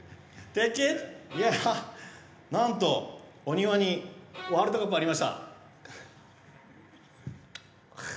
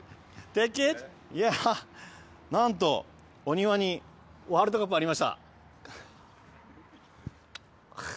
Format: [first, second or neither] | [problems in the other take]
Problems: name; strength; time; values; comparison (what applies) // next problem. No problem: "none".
second | background sound (Bowed string instrument); 12 dB below the speech // room echo; dies away in 0.8 s